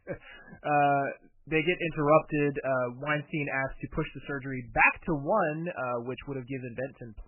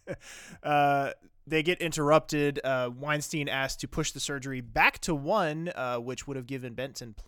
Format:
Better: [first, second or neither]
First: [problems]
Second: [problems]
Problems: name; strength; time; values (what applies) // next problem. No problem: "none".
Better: second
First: garbled, watery; badly; nothing above 2.5 kHz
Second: none